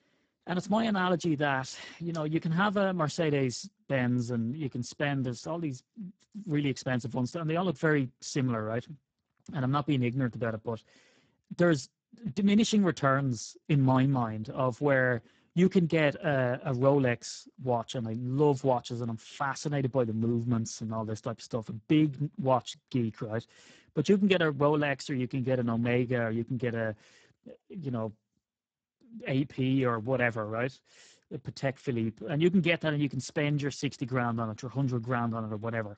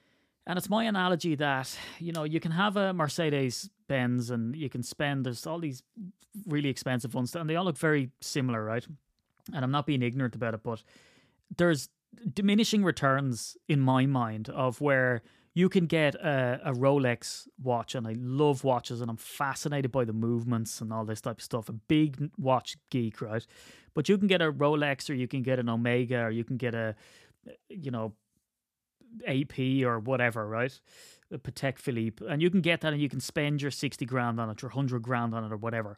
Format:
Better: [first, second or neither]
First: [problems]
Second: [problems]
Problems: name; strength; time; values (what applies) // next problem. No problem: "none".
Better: second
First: garbled, watery; badly; nothing above 7.5 kHz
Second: none